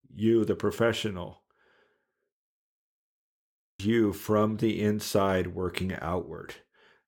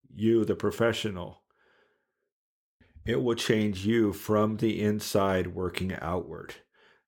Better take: second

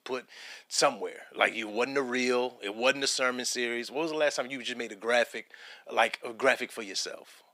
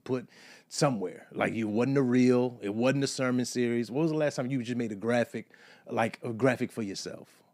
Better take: second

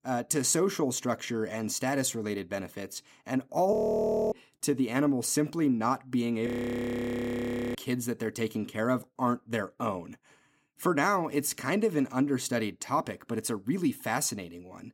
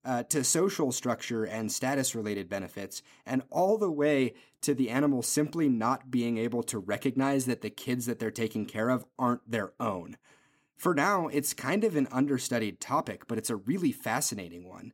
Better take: second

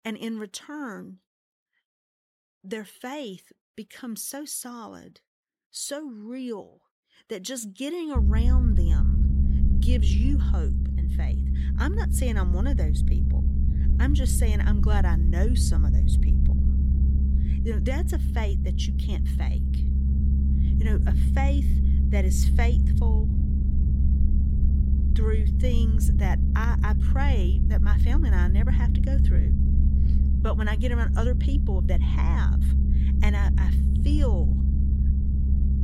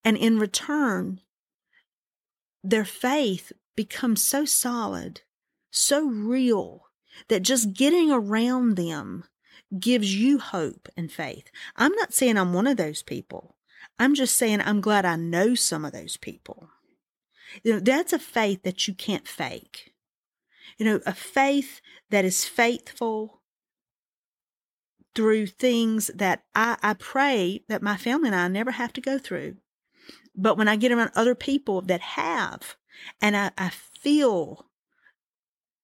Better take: second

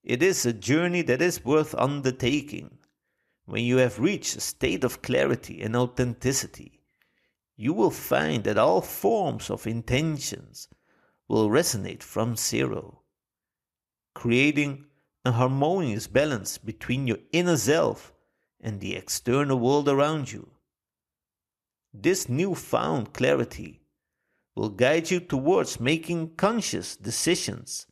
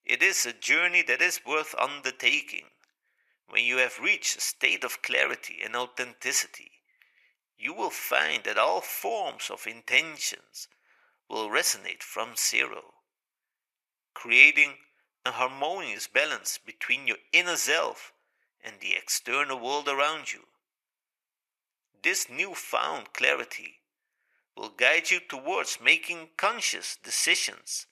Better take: first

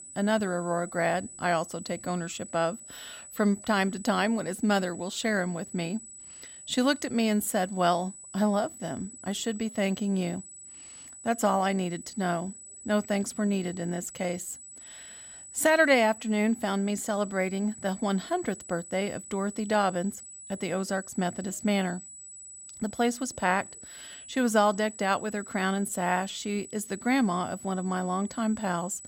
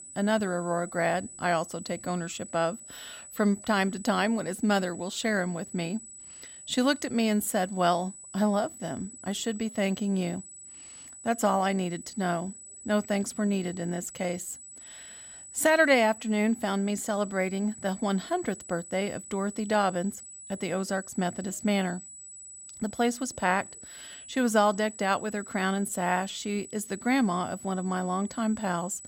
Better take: neither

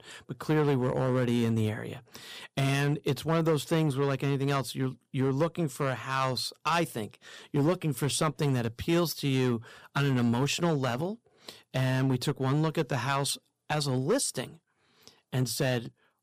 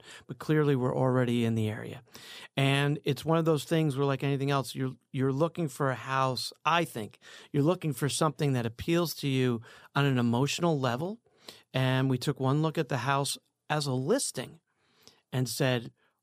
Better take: second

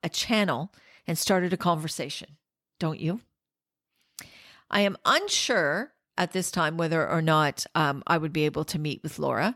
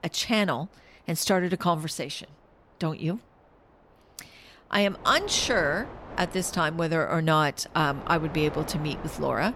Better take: first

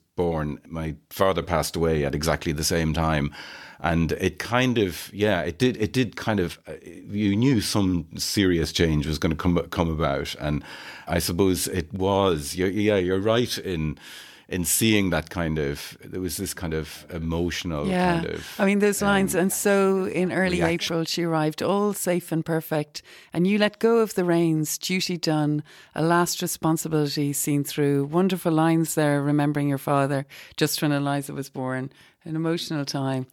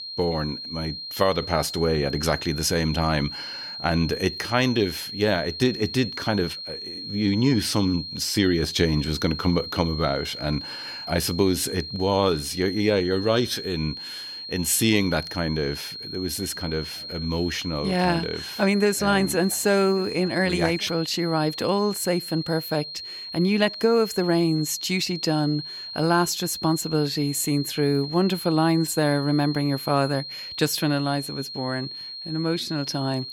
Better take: first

